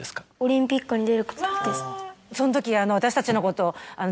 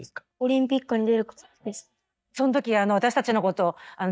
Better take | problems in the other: first | noise reduction (neural mask model DeepFilterNet 3)

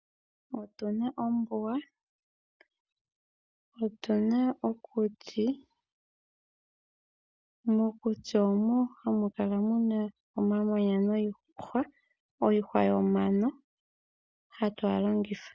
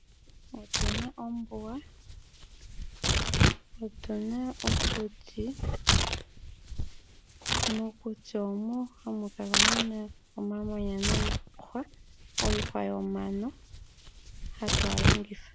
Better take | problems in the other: first | background sound (Tearing); 5 dB above the speech

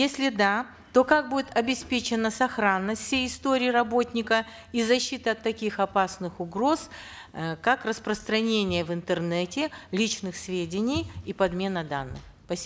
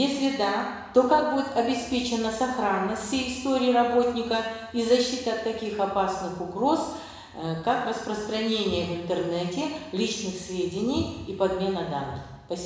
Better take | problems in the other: first | room echo; dies away in 1 s

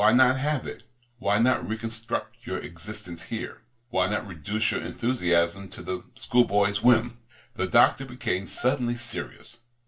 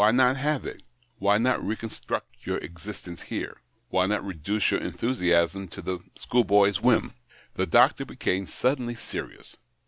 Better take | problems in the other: second | noise reduction (neural separator model SepFormer DNS4)

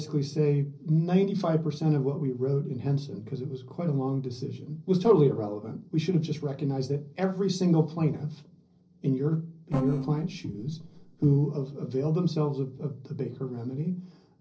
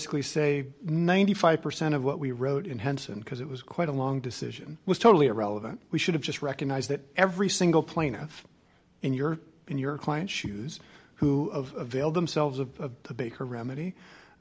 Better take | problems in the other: second | noise reduction (neural separator model SepFormer DNS4)

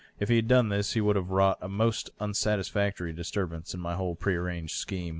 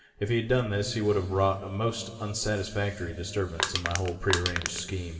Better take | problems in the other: first | background sound (Crushing); 3 dB below the speech // room echo; dies away in 2.3 s

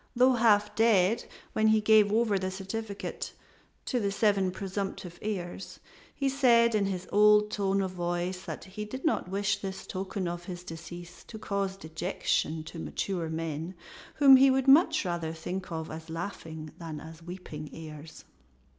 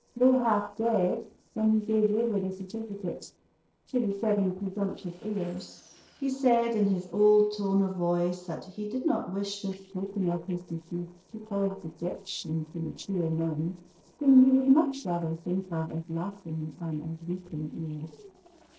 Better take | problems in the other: first | noise reduction (neural separator model SepFormer DNS4)

